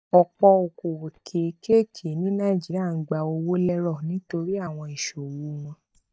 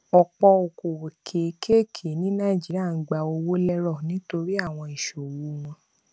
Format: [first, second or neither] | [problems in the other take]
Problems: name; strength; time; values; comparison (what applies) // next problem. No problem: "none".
second | noise reduction (neural mask model DeepFilterNet 3)